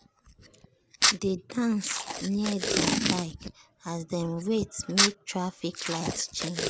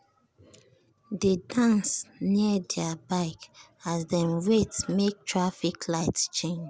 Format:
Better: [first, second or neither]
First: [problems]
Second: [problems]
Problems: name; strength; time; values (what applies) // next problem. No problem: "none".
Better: second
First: background sound (Packing tape, duct tape); as loud as the speech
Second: none